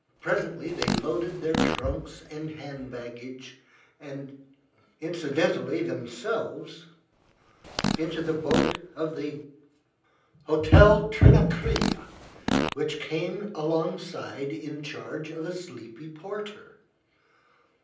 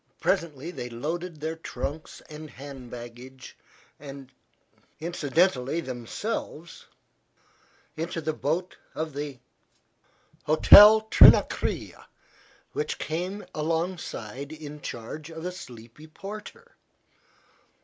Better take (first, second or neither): second